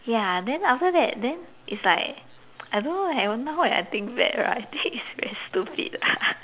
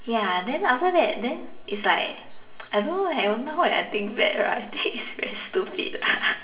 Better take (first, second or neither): first